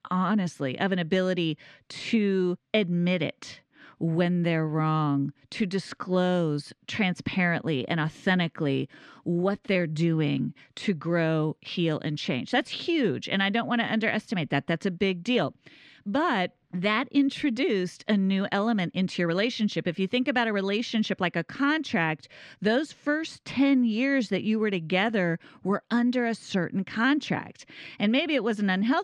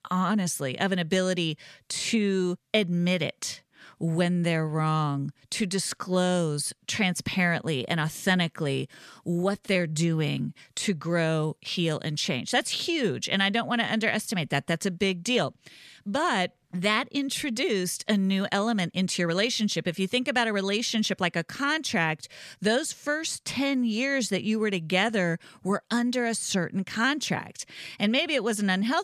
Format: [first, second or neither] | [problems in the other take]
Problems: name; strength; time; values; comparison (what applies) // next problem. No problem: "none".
second | muffled; slightly; fading above 3 kHz